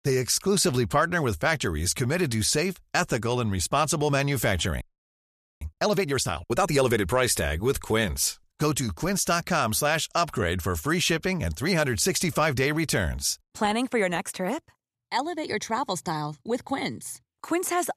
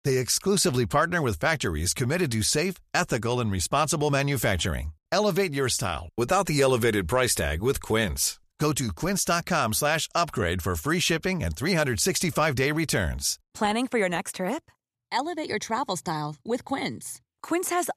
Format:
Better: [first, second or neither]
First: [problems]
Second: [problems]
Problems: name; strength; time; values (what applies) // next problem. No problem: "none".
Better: second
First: audio freezing; at 5 s for 1 s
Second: none